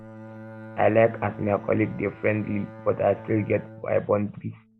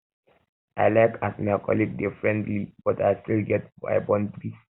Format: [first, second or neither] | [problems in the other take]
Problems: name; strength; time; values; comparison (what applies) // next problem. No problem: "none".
second | background sound (Bowed string instrument); 17 dB below the speech